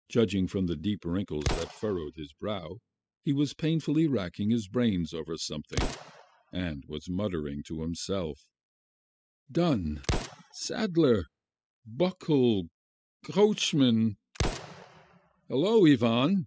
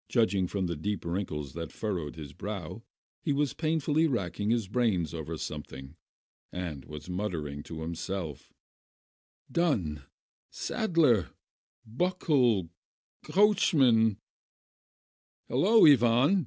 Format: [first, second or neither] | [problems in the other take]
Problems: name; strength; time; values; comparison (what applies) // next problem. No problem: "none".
second | noise reduction (classical method spectral subtraction)